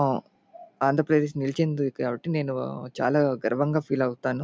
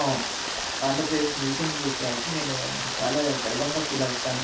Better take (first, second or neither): first